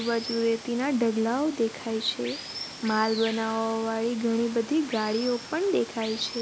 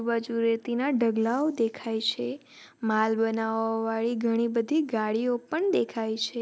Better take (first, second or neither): second